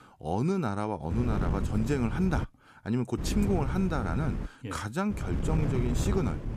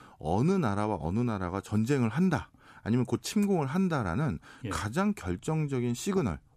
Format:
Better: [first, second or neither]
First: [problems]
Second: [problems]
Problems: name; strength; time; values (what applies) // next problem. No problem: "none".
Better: second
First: wind noise on the microphone; heavy; from 1 to 2.5 s, from 3 to 4.5 s and from 5 s on; 7 dB below the speech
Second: none